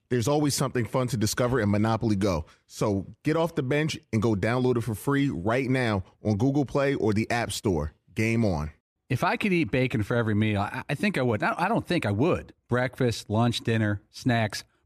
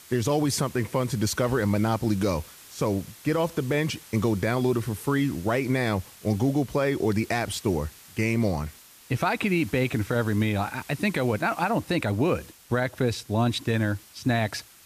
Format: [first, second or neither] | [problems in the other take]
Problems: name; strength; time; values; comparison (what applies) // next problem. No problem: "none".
first | hiss; faint; throughout; 20 dB below the speech